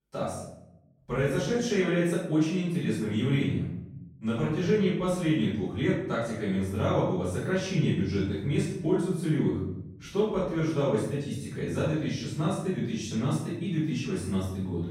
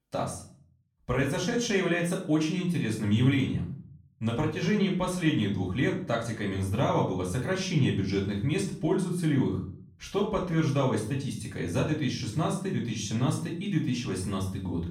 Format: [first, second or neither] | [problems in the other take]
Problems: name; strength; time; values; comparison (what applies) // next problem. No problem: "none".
second | room echo; strong; dies away in 0.9 s; slight in the second // off-mic speech; far; far in the second